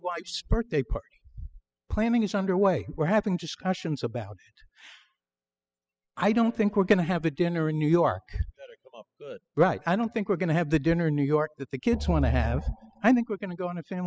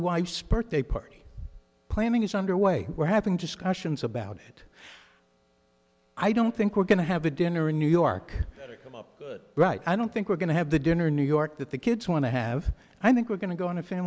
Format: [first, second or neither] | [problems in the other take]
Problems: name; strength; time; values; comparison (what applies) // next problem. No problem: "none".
second | noise reduction (classical method spectral subtraction)